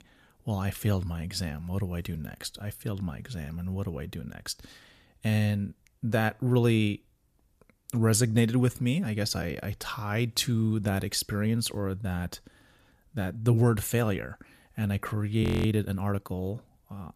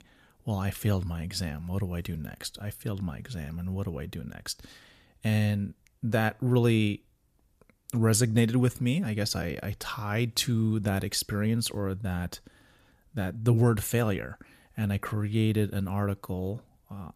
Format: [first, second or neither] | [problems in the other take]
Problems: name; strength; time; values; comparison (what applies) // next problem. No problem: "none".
second | audio freezing; at 15 s